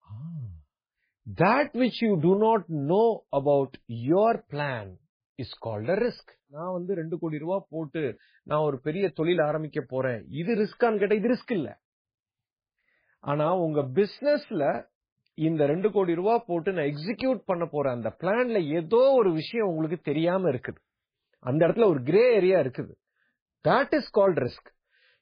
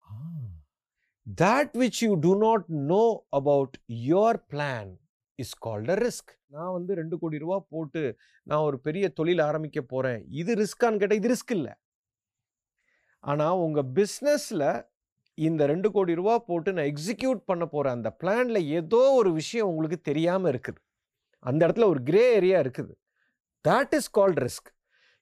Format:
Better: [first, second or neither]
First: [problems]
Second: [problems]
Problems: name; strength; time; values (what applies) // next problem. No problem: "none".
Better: second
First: garbled, watery; badly; nothing above 4 kHz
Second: none